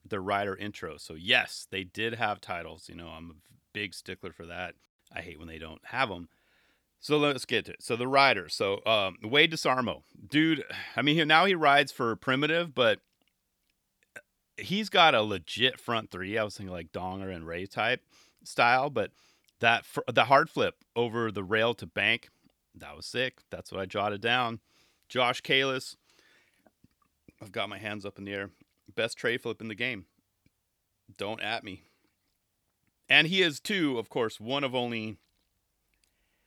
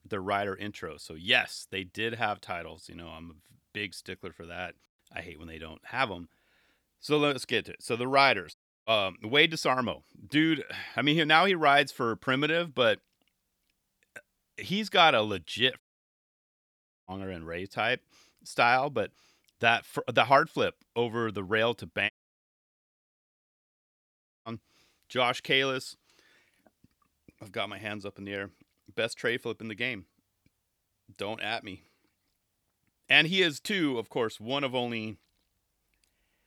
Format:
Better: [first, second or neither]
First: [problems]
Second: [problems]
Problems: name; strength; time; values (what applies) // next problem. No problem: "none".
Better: first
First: none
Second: audio cutting out; at 8.5 s, at 16 s for 1.5 s and at 22 s for 2.5 s